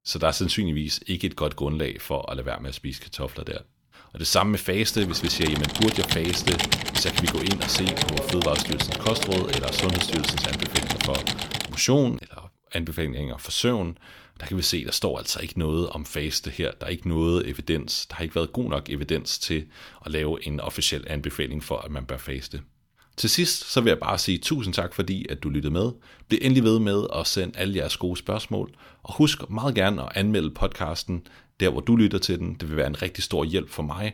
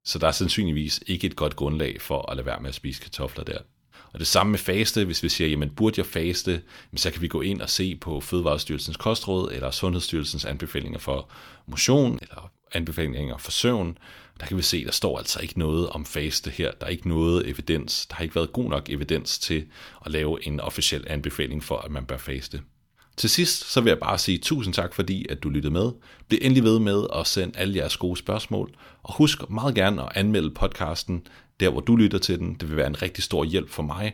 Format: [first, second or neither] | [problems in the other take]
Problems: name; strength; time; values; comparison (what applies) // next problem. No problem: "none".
second | keyboard typing; loud; from 5 to 12 s; peak 4 dB above the speech